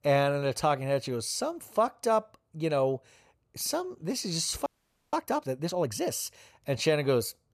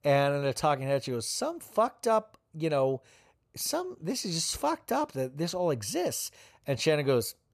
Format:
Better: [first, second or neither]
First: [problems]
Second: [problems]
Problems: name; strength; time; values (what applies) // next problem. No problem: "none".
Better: second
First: audio freezing; at 4.5 s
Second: none